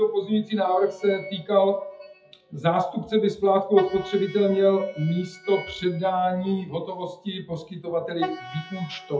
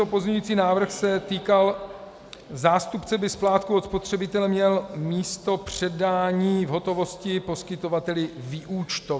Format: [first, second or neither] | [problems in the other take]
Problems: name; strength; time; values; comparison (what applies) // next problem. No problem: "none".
second | noise reduction (classical method WPE with log-MMSE)